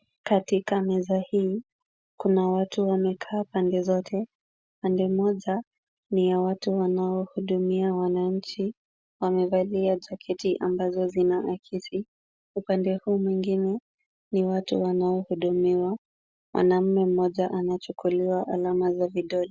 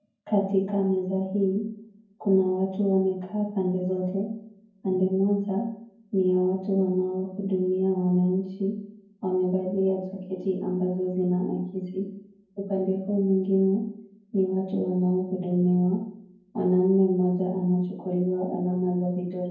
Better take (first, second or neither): first